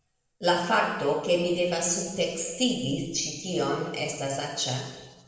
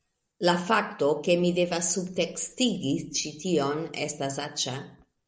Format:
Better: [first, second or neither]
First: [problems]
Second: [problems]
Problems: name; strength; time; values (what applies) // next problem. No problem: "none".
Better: second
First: room echo; dies away in 1.2 s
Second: none